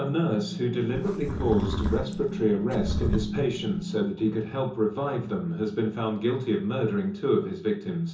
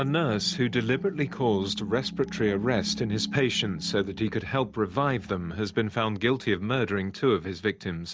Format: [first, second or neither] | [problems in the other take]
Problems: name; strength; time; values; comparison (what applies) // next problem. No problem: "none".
second | background sound (Livestock, farm animals, working animals); 5 dB below the speech // room echo; dies away in 0.6 s